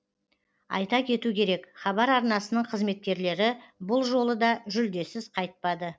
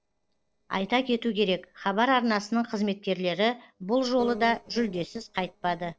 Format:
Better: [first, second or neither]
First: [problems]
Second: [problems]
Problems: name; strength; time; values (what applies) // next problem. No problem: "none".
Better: first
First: none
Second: noise reduction (neural separator model SepFormer DNS4)